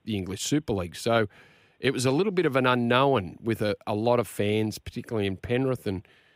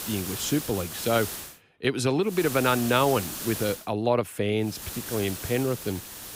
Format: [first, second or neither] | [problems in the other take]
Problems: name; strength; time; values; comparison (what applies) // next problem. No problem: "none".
first | hiss; loud; until 1.5 s, from 2.5 to 4 s and from 4.5 s on; 8 dB below the speech